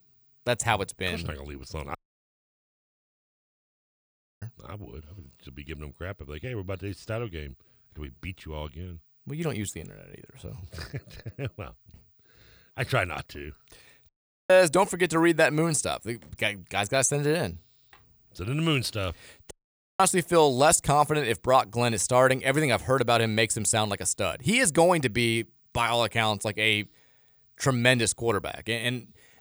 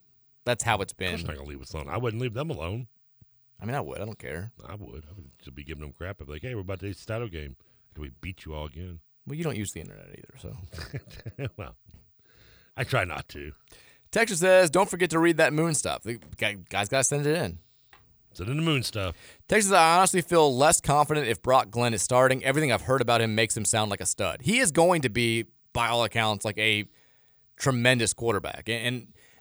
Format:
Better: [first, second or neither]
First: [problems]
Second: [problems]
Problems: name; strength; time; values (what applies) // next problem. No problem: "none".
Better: second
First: audio cutting out; at 2 s for 2.5 s, at 14 s and at 20 s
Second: none